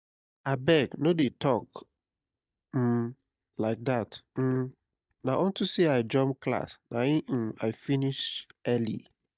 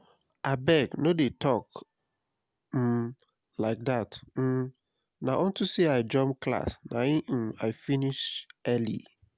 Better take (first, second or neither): second